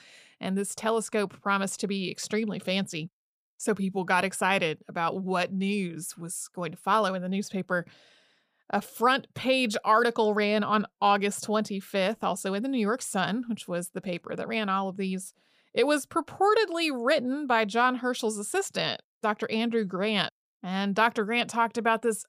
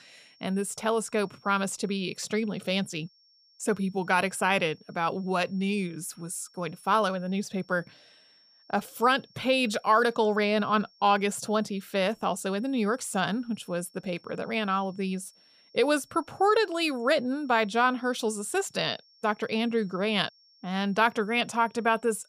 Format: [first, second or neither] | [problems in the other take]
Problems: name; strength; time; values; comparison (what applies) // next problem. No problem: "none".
first | high-pitched whine; faint; throughout; 5.5 kHz, 30 dB below the speech